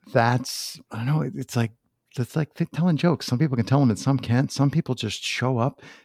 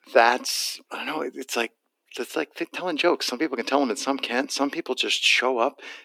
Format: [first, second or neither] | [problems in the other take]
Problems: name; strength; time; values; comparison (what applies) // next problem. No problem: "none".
first | thin; somewhat; fading below 300 Hz